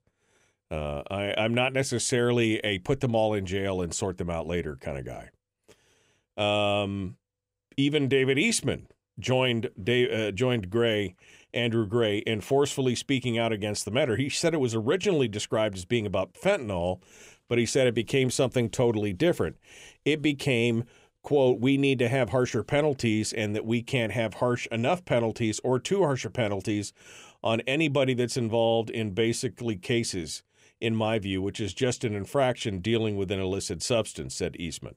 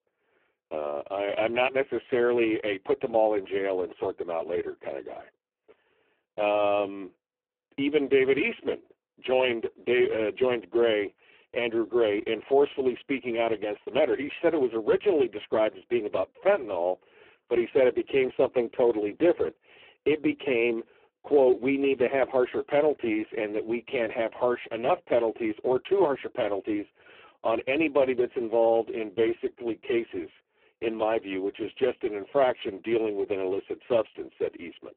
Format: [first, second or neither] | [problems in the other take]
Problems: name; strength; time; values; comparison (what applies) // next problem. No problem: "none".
first | phone-call audio; poor line